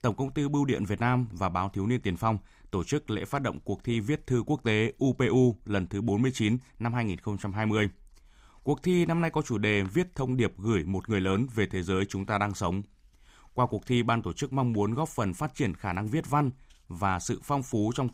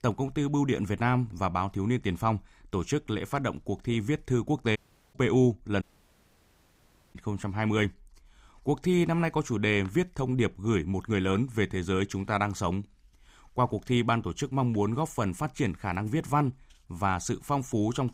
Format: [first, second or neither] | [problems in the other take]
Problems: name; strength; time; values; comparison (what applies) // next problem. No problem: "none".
first | audio cutting out; at 5 s and at 6 s for 1.5 s